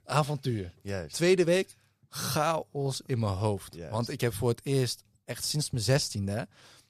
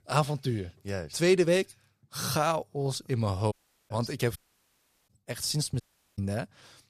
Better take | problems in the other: first | audio cutting out; at 3.5 s, at 4.5 s for 0.5 s and at 6 s

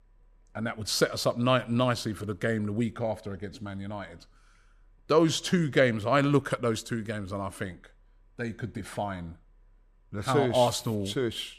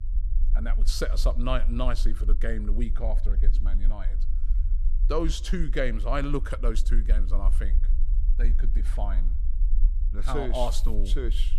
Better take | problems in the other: first | low rumble; noticeable; throughout; 20 dB below the speech

